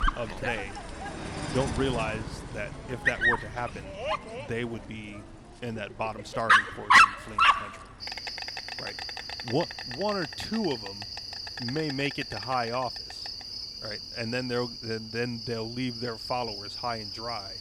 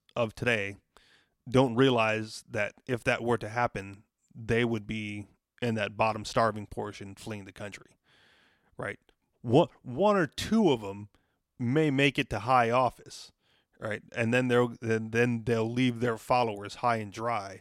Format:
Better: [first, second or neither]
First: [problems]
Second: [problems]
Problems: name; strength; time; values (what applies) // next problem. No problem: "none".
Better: second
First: animal sounds; very loud; throughout; 5 dB above the speech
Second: none